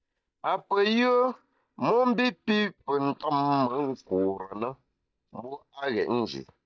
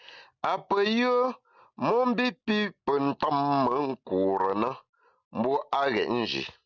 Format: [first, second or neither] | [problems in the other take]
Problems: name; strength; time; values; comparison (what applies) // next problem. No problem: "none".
second | noise reduction (neural mask model DeepFilterNet 3)